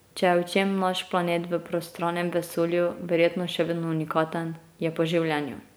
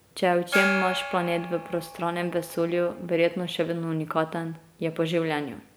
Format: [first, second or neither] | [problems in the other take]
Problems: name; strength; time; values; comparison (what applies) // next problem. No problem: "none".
first | background sound (Gong); 8 dB below the speech